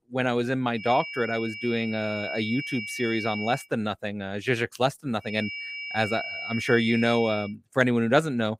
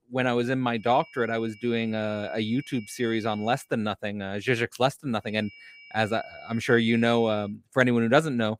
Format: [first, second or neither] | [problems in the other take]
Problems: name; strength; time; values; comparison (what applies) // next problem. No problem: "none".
second | high-pitched whine; loud; from 1 to 3.5 s and from 5.5 to 7.5 s; 2.5 kHz, 7 dB below the speech; faint in the second